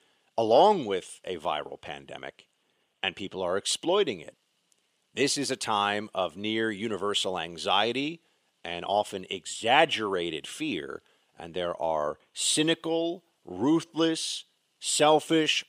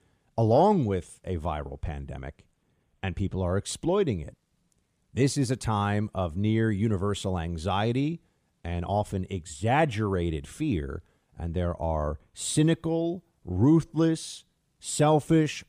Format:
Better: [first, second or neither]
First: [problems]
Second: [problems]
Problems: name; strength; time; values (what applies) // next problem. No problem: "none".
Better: second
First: thin; somewhat; fading below 400 Hz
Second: none